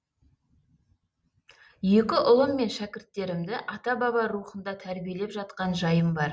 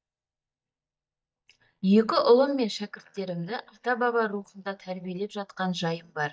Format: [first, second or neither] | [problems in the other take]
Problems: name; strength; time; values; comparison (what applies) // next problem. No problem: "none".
first | noise reduction (neural mask model DeepFilterNet 3)